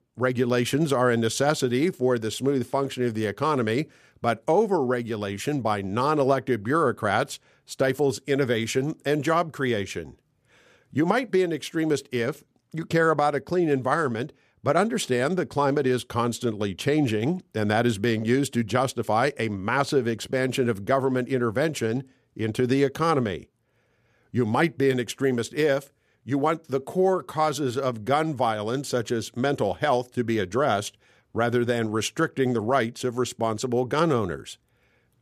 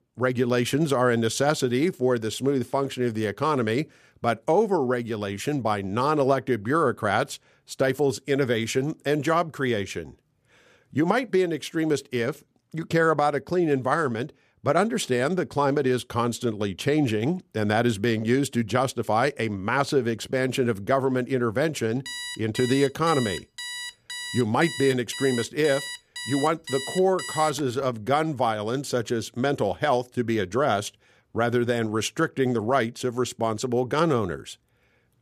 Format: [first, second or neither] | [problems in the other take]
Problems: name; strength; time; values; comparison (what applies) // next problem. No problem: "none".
first | alarm; noticeable; from 22 to 28 s; peak 7 dB below the speech